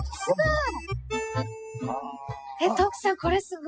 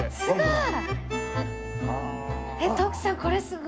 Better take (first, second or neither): second